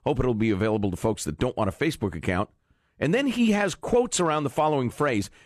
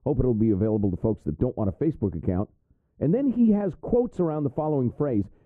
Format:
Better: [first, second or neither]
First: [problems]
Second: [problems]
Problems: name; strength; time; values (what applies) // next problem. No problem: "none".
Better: first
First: none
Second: muffled; very; fading above 1.5 kHz